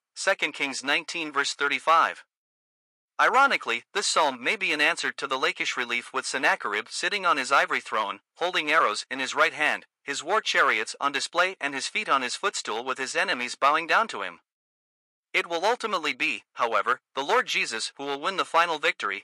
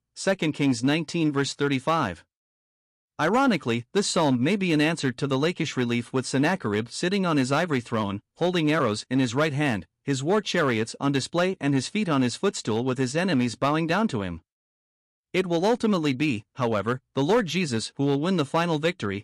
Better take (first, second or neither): second